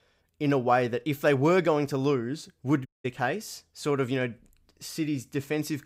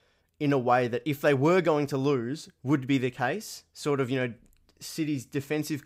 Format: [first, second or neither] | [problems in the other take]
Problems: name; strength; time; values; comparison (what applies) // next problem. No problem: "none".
second | audio cutting out; at 3 s